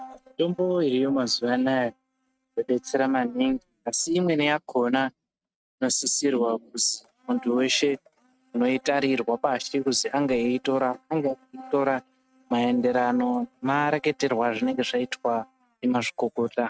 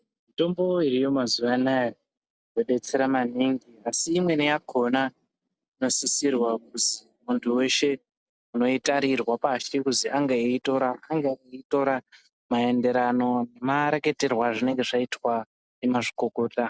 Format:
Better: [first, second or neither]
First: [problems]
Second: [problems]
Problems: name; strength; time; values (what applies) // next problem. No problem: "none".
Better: second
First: noise reduction (neural mask model RNNoise)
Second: none